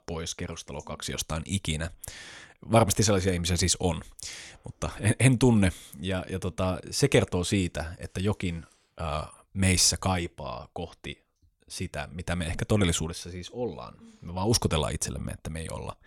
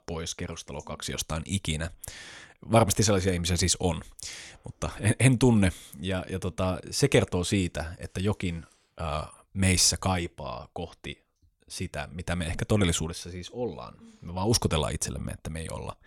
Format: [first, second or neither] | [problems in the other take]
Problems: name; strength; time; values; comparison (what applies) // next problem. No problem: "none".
neither | none